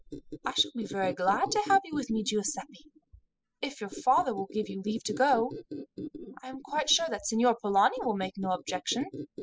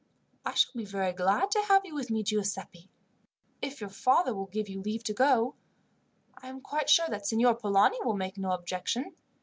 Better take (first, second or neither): second